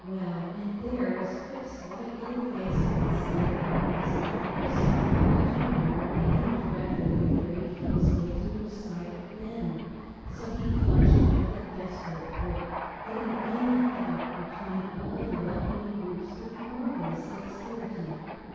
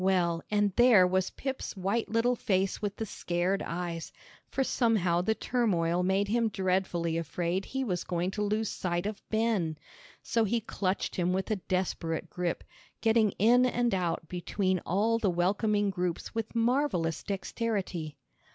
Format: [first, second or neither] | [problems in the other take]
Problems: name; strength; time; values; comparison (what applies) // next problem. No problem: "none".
second | background sound (Thunder); 5 dB above the speech // room echo; dies away in 2 s